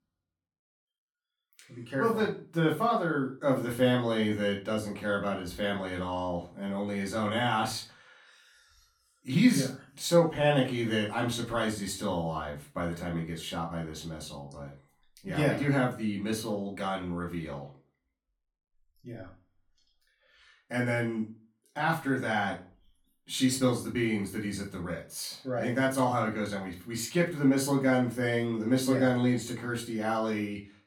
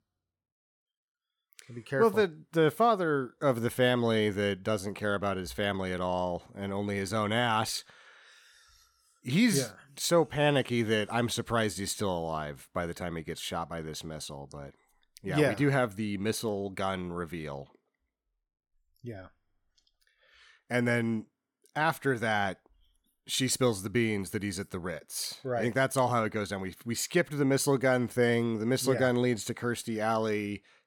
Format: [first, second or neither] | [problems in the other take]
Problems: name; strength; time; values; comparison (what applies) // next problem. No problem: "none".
second | off-mic speech; far // room echo; very slight; dies away in 0.3 s